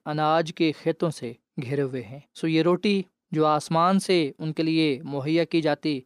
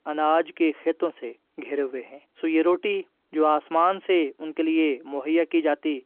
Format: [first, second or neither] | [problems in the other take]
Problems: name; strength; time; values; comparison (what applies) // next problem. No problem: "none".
first | phone-call audio